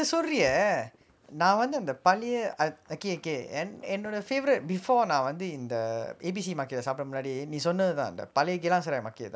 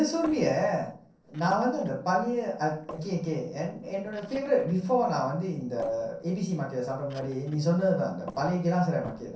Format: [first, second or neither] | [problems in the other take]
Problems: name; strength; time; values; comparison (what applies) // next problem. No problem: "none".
first | noise reduction (neural separator model SepFormer DNS4)